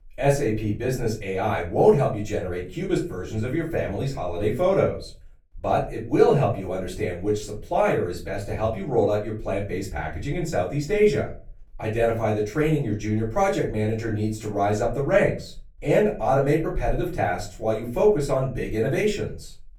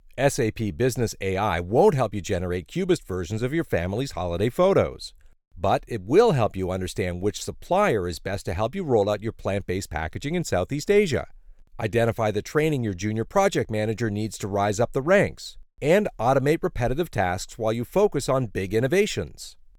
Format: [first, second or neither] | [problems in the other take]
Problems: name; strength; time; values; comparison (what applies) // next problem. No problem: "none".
second | off-mic speech; far // room echo; slight; dies away in 0.4 s